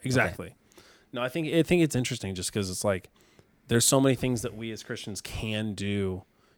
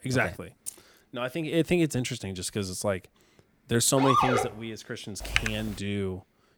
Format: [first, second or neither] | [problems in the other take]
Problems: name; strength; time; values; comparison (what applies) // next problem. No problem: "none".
first | jangling keys; faint; at 0.5 s; peak 10 dB below the speech // siren; loud; at 4 s; peak 5 dB above the speech // keyboard typing; loud; at 5.5 s; peak level with the speech